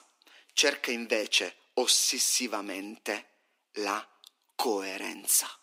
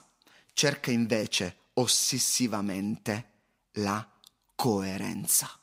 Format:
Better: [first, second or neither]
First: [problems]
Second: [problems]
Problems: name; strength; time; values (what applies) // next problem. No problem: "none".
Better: second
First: thin; somewhat; fading below 300 Hz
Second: none